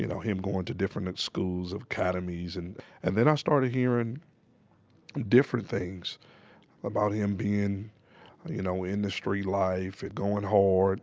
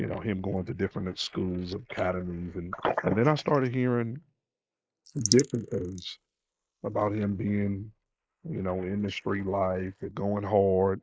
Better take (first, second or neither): first